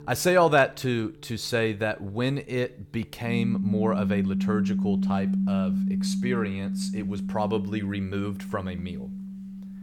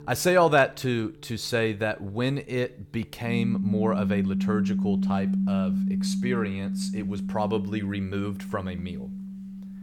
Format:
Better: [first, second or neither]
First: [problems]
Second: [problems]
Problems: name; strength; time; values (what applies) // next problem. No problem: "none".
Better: neither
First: background music; loud; throughout; 1 dB below the speech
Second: background music; loud; throughout; 1 dB below the speech